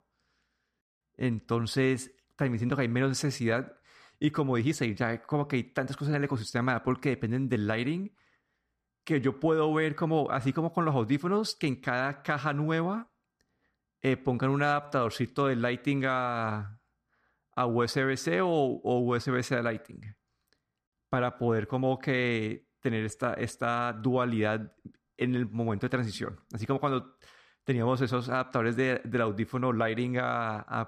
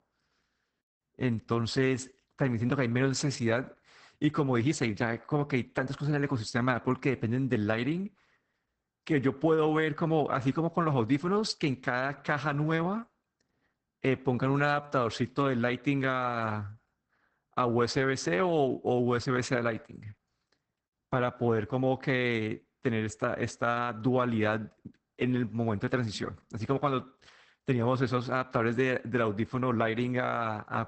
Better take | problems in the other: first | garbled, watery; badly; nothing above 8 kHz

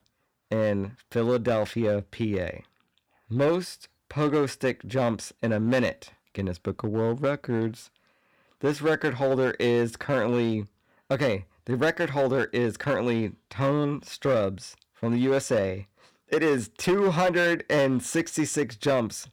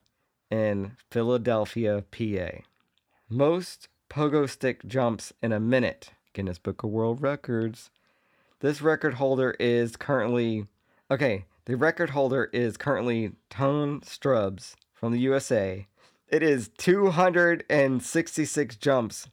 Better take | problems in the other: second | distortion; slight; 6% of the sound clipped

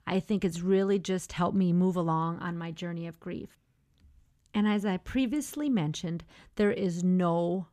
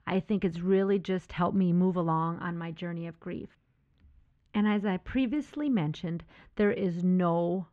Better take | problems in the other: first | muffled; slightly; fading above 2.5 kHz

